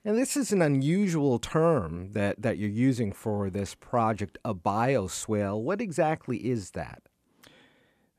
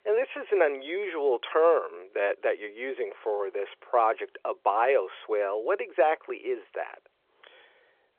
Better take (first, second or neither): first